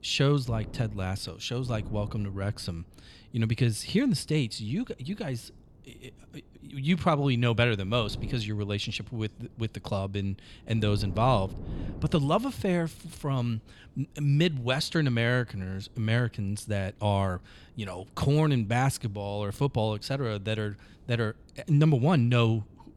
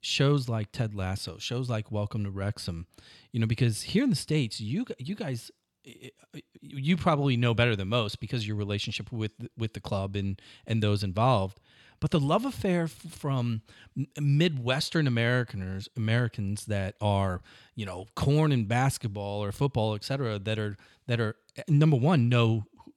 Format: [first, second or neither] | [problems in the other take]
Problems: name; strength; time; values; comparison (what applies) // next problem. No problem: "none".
second | wind noise on the microphone; occasional gusts; 25 dB below the speech